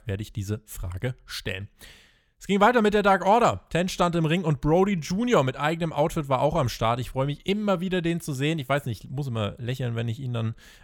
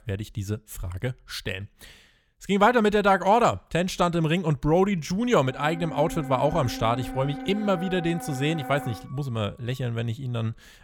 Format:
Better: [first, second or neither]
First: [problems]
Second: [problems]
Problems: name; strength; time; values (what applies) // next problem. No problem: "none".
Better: first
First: none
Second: background music; noticeable; from 5.5 s on; 10 dB below the speech